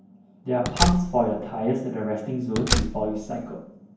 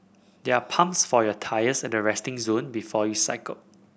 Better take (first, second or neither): second